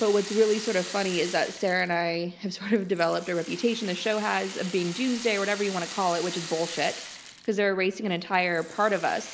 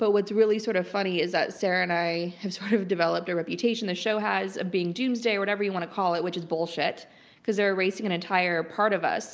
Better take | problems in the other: second | background sound (Rattle (instrument)); 14 dB below the speech

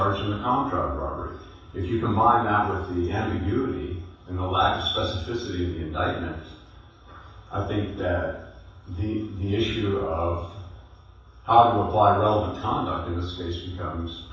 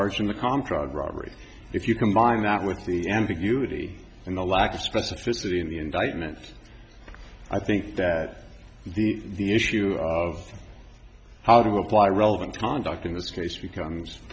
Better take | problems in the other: second | room echo; dies away in 0.7 s

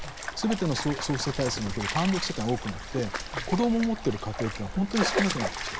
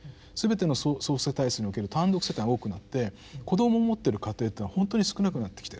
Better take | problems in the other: second | background sound (Stream); 4 dB below the speech

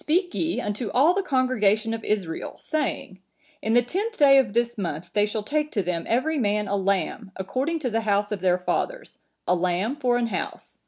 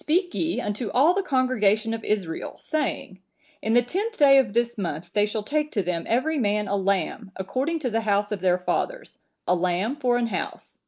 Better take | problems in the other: first | noise reduction (neural mask model Resemble Enhance denoiser)

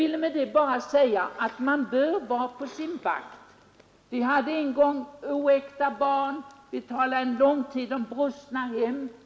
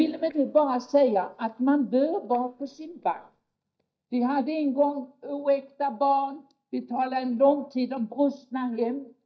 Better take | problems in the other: first | noise reduction (neural mask model DeepFilterNet 3)

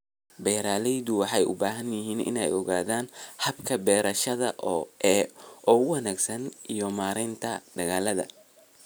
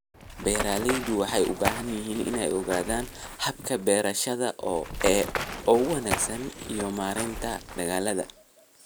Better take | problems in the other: first | background sound (Run); 8 dB below the speech

